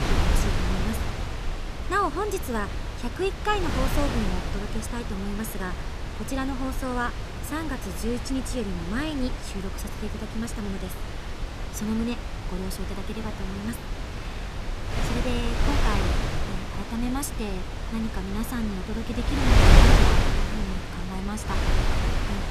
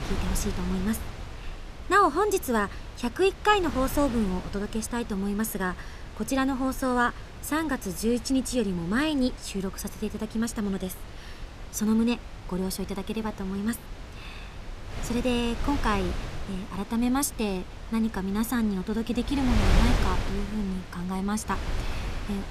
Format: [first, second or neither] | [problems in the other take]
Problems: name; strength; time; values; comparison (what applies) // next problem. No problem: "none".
second | wind noise on the microphone; heavy; 1 dB above the speech; occasional gusts in the second